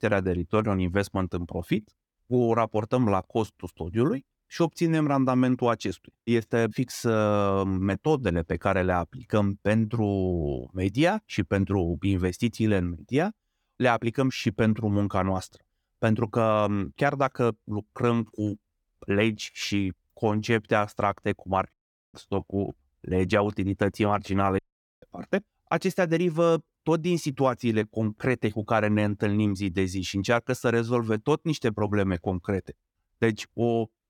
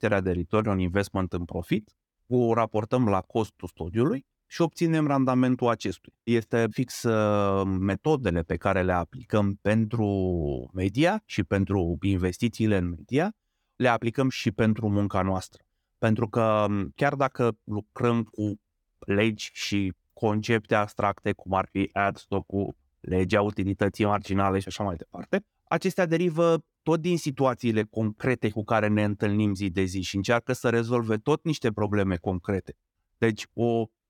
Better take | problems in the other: second | audio cutting out; at 22 s and at 25 s

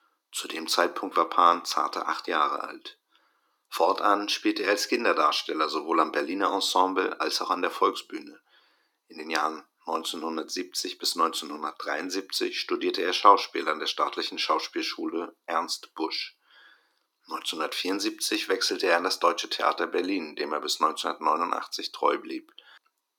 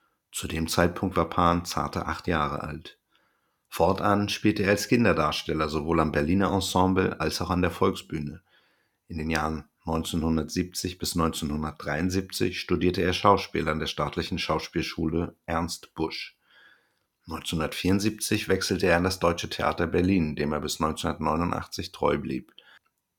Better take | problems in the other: second | thin; somewhat; fading below 300 Hz

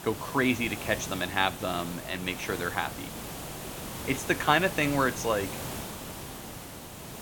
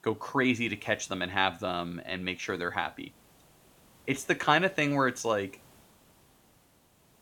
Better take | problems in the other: second | hiss; loud; throughout; 9 dB below the speech; faint in the second

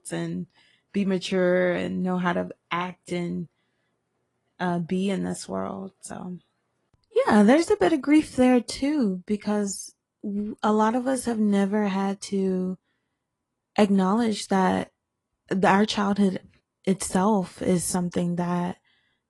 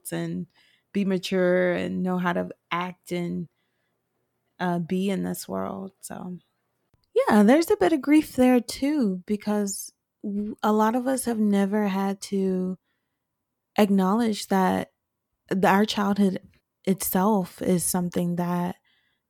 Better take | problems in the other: second | garbled, watery; slightly; nothing above 10.5 kHz

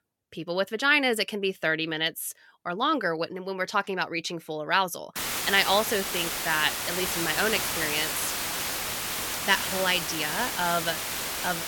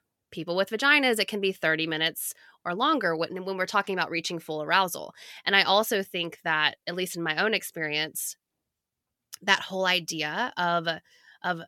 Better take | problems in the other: second | hiss; loud; from 5 s on; 2 dB below the speech

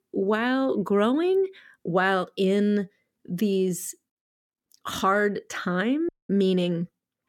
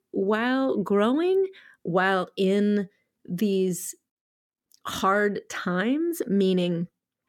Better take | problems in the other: second | audio cutting out; at 6 s

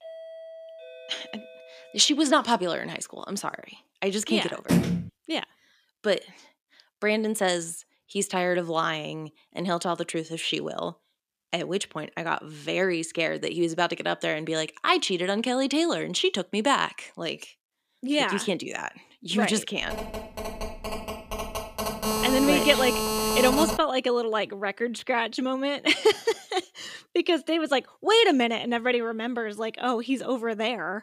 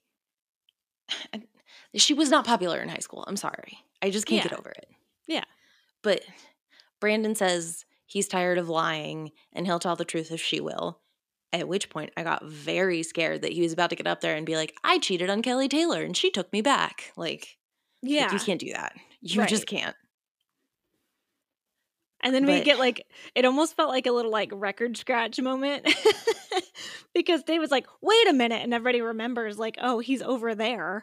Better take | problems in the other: second | doorbell; faint; until 2.5 s; peak 15 dB below the speech // phone ringing; loud; at 4.5 s and from 20 to 24 s; peak 2 dB above the speech

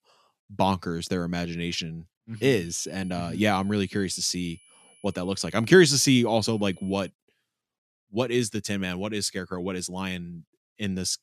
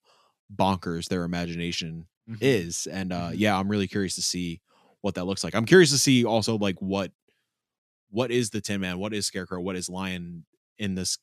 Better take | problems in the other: second | high-pitched whine; faint; from 2.5 to 7 s; 10.5 kHz, 30 dB below the speech

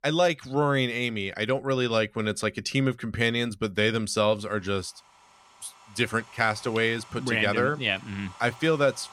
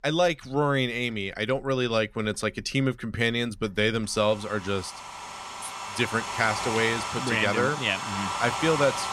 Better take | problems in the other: first | household noises; loud; throughout; 6 dB below the speech; faint in the first

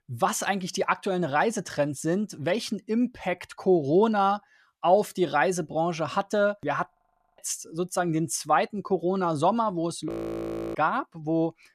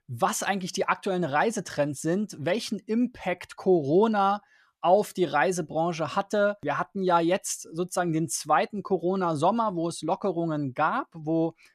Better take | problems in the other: second | audio freezing; at 7 s and at 10 s for 0.5 s

